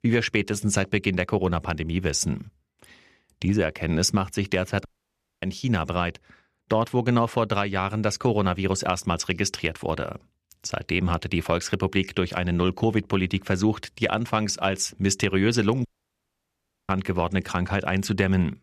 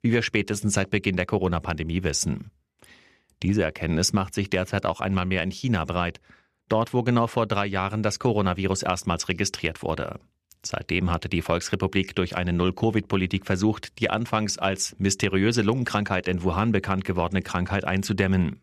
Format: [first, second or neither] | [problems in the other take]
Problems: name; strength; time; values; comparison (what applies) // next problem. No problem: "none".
second | audio cutting out; at 5 s for 0.5 s and at 16 s for 1 s